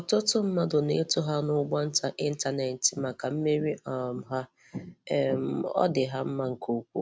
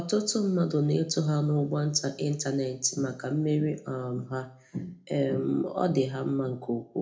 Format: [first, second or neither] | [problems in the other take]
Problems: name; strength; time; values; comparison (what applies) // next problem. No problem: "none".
first | room echo; dies away in 0.3 s